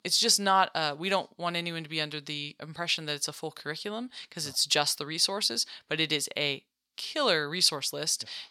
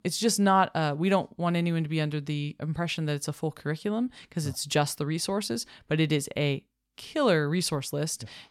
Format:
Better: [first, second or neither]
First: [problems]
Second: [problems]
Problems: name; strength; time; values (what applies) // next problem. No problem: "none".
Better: second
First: thin; somewhat; fading below 850 Hz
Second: none